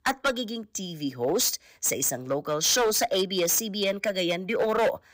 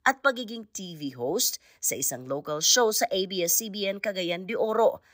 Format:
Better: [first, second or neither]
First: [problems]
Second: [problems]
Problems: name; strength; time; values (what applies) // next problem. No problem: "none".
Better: second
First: distortion; heavy; 10% of the sound clipped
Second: none